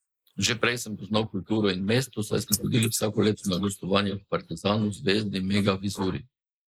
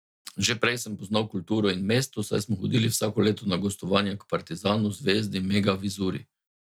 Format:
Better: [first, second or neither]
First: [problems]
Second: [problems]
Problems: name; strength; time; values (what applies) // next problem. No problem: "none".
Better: second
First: noise reduction (neural mask model Resemble Enhance denoiser)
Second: none